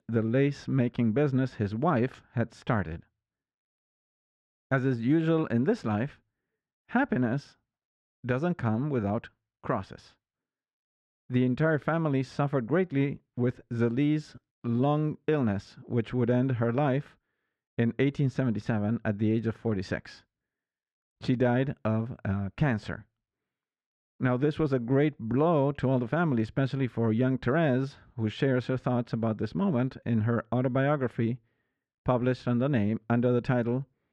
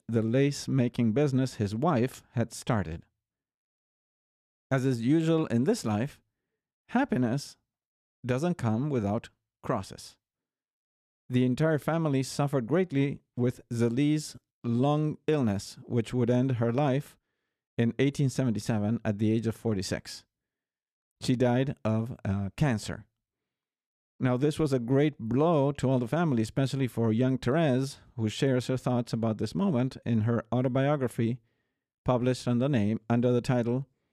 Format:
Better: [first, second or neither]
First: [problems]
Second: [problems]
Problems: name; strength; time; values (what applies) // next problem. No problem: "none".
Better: second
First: muffled; slightly; fading above 3 kHz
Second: none